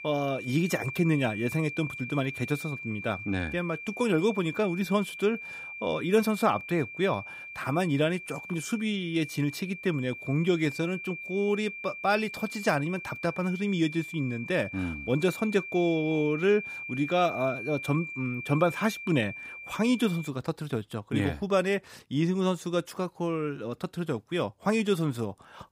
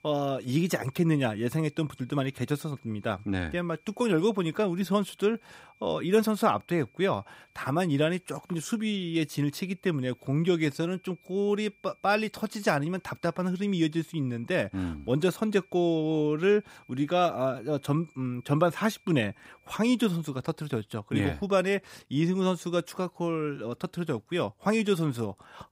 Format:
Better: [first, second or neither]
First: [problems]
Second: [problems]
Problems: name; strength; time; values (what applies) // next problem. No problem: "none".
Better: second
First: high-pitched whine; loud; until 20 s; 2.5 kHz, 9 dB below the speech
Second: high-pitched whine; faint; until 20 s; 2.5 kHz, 35 dB below the speech